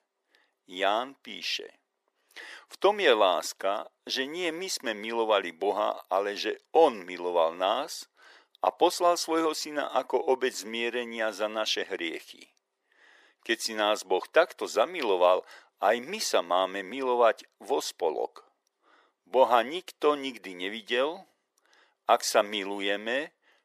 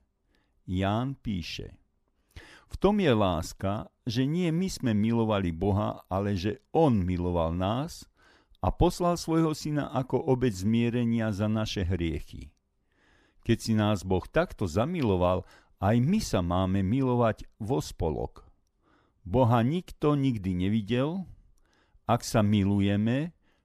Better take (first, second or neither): second